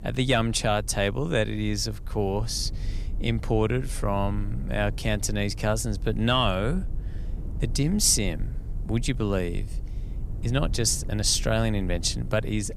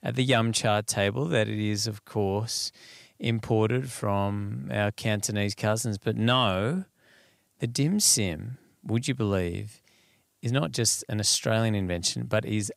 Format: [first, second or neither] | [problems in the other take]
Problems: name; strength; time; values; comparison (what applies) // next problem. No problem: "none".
second | low rumble; faint; throughout; 25 dB below the speech